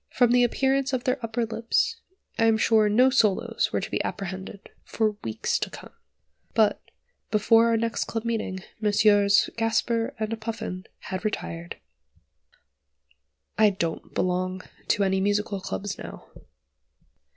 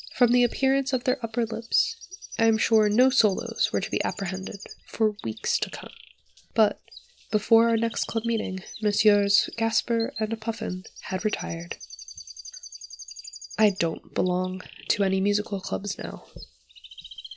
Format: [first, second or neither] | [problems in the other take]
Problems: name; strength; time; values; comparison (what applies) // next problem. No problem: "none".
first | background sound (Chirp, tweet); 17 dB below the speech